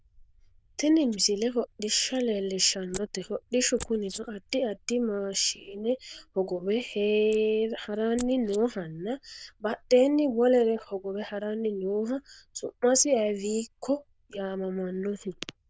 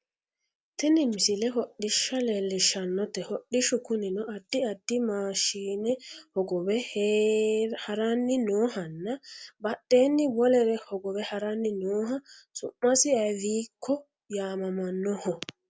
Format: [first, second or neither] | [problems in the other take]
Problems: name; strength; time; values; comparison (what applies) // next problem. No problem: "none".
second | noise reduction (neural diffusion model UNIVERSE++)